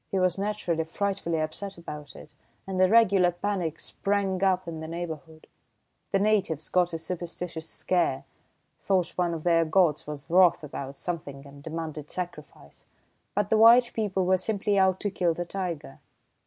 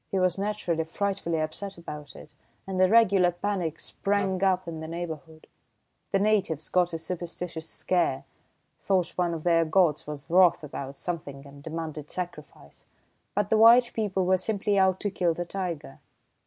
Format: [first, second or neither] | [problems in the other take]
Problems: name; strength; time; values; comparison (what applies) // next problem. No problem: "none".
first | background sound (Wind instrument, woodwind instrument); 13 dB below the speech